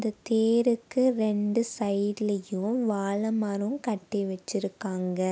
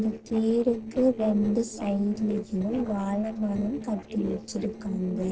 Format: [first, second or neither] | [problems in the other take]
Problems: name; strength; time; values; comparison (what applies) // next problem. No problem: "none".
first | noise reduction (neural separator model SepFormer DNS4)